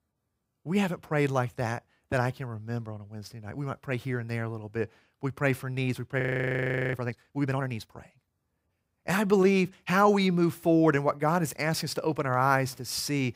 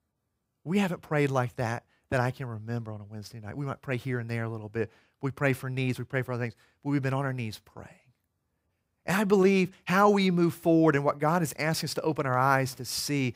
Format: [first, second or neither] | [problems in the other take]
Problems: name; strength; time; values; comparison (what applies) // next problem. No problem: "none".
second | audio freezing; at 6 s for 0.5 s